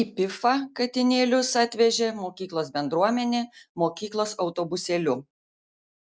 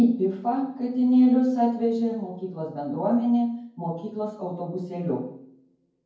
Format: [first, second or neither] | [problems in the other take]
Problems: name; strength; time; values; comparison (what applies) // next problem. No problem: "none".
first | room echo; dies away in 0.9 s